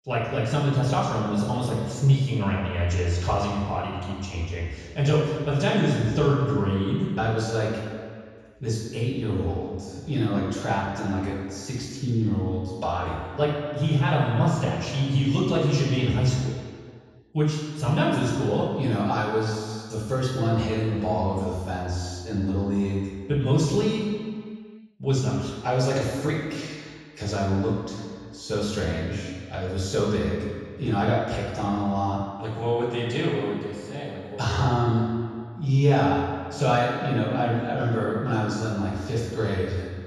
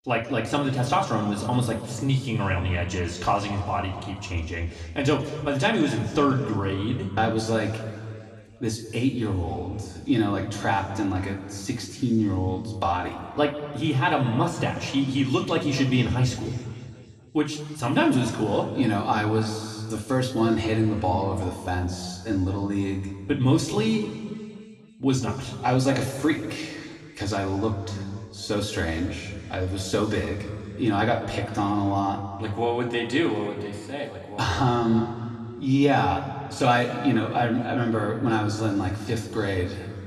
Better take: second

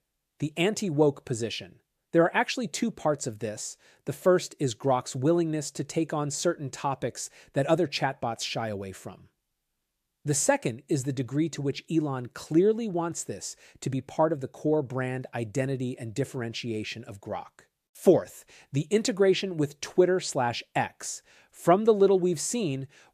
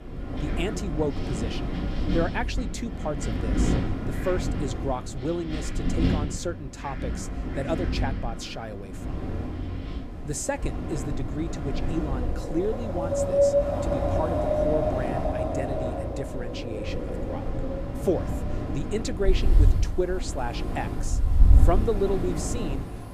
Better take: first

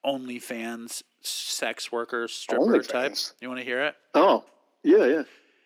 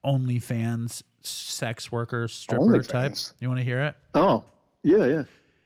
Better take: second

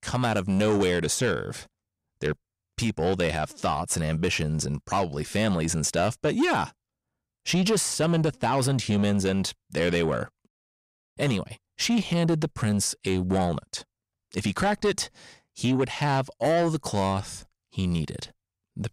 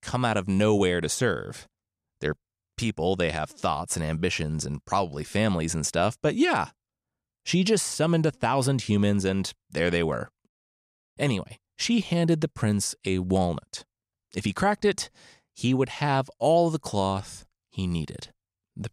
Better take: second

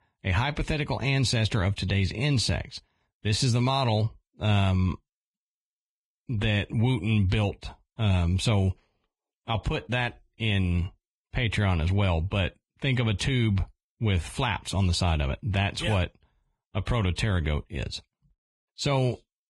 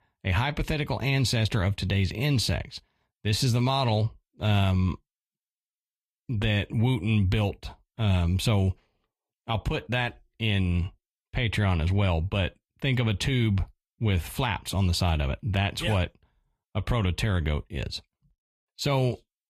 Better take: second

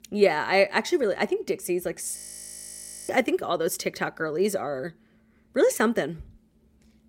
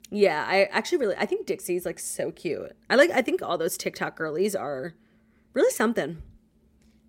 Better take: second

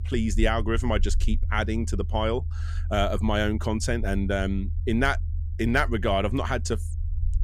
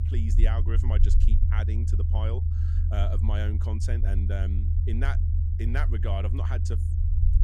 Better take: first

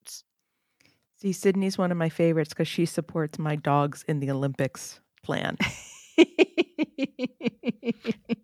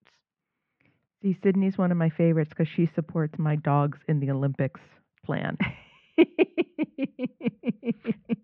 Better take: first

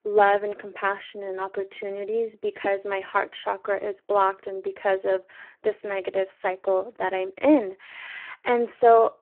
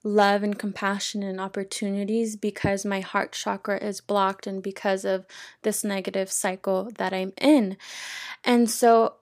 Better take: second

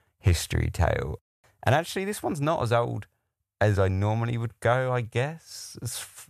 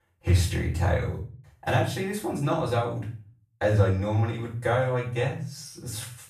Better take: first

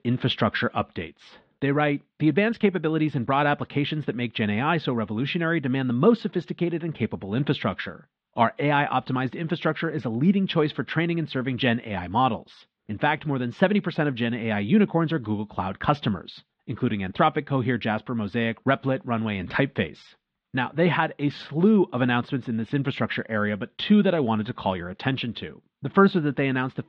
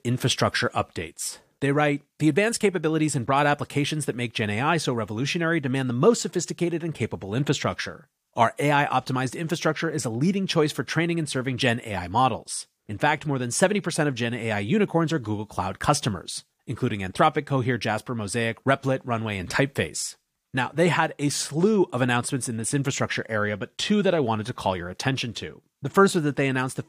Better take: second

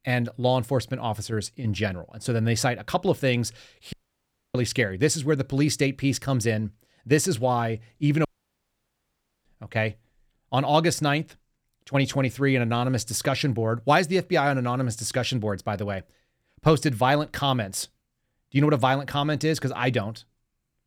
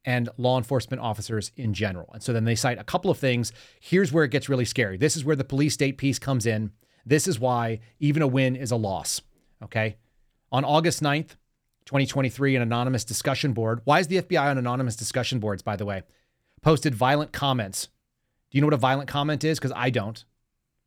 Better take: second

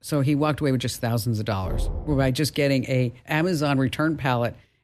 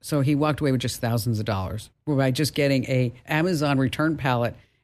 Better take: second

